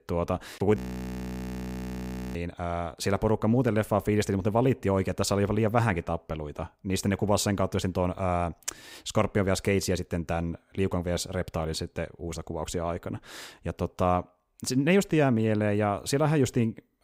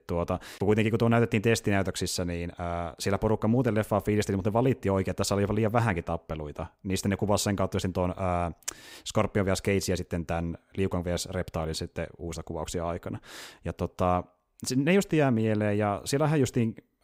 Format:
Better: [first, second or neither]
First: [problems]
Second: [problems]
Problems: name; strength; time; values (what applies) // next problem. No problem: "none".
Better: second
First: audio freezing; at 1 s for 1.5 s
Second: none